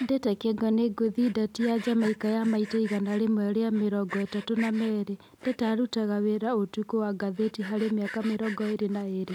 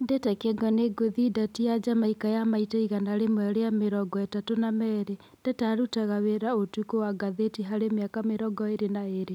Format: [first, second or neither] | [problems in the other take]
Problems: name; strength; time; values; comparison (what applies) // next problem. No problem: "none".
second | background sound (Sawing); 19 dB below the speech